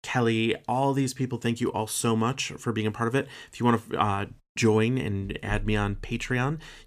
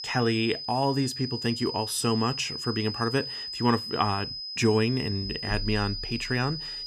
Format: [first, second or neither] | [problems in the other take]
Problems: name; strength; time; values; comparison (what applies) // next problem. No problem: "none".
first | high-pitched whine; loud; throughout; 5 kHz, 5 dB below the speech